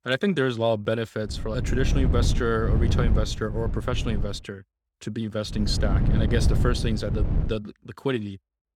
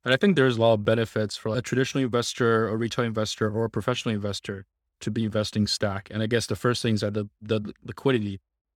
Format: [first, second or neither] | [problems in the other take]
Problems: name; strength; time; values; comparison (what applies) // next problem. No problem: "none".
second | wind noise on the microphone; heavy; from 1.5 to 4.5 s and from 5.5 to 7.5 s; 8 dB below the speech